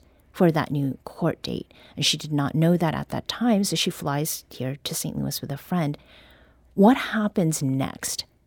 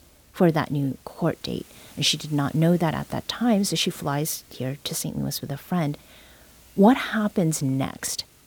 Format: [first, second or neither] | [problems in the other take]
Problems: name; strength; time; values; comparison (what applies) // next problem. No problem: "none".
first | hiss; faint; throughout; 25 dB below the speech